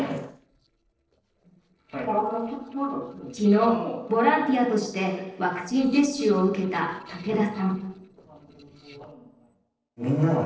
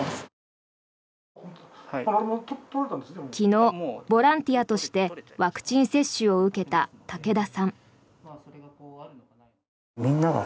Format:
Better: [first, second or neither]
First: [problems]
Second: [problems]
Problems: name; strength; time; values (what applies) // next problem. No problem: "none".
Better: second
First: noise reduction (neural separator model SepFormer DNS4)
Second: none